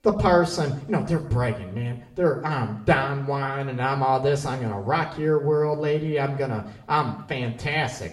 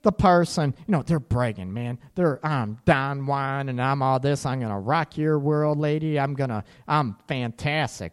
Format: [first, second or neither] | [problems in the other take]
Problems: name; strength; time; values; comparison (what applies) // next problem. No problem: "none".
second | room echo; slight; dies away in 0.5 s // off-mic speech; somewhat distant